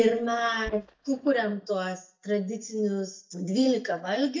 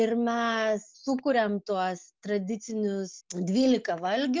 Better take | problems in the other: second | noise reduction (neural mask model DeepFilterNet 3)

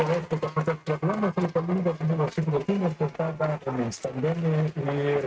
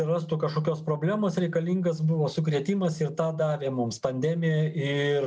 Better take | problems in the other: second | noise reduction (neural mask model RNNoise)

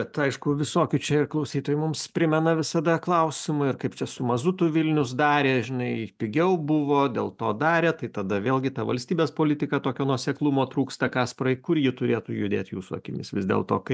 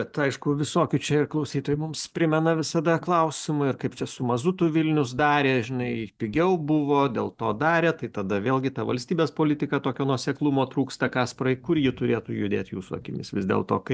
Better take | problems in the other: first | noise reduction (neural mask model DeepFilterNet 3)

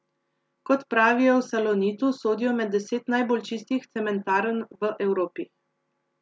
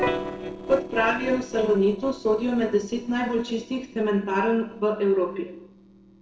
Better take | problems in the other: first | noise reduction (neural separator model SepFormer DNS4)

